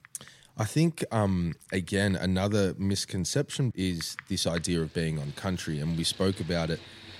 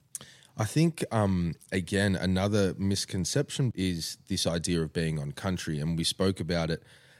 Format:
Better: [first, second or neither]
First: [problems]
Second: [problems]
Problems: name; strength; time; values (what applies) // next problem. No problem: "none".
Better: second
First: household noises; noticeable; throughout; 20 dB below the speech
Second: none